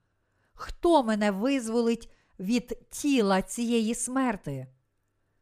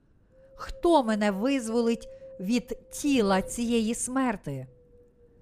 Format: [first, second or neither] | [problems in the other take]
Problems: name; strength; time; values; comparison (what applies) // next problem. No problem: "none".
first | wind noise on the microphone; occasional gusts; 20 dB below the speech